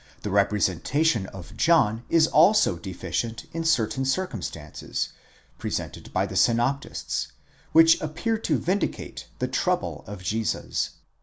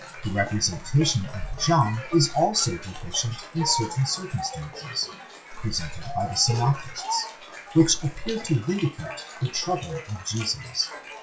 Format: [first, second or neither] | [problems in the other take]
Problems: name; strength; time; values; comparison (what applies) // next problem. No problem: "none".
first | noise reduction (classical method WPE with log-MMSE)